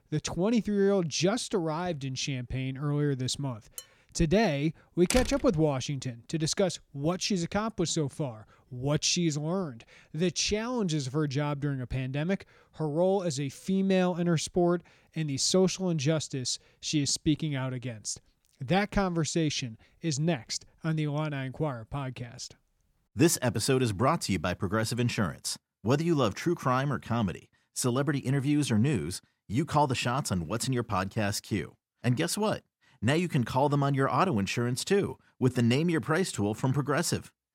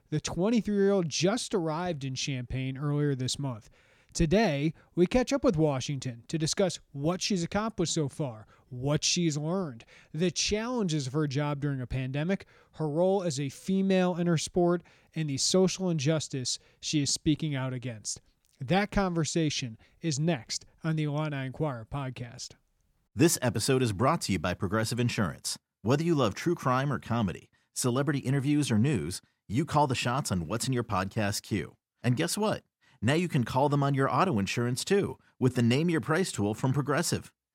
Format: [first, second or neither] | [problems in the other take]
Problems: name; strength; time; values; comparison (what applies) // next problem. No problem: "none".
second | clattering dishes; very faint; at 4 s; peak 15 dB below the speech // door banging; noticeable; at 5 s; peak 3 dB below the speech